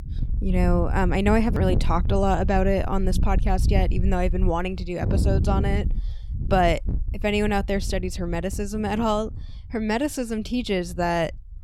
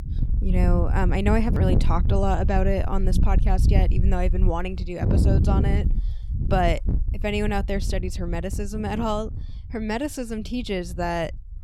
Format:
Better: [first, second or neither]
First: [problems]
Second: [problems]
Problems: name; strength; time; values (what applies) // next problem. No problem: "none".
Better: first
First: wind noise on the microphone; occasional gusts; 15 dB below the speech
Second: wind noise on the microphone; heavy; 9 dB below the speech